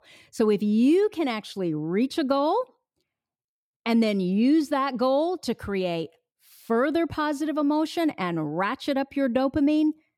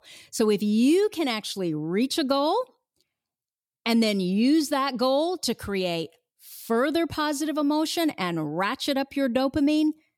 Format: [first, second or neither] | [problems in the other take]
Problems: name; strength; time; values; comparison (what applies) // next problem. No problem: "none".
second | muffled; slightly; fading above 3 kHz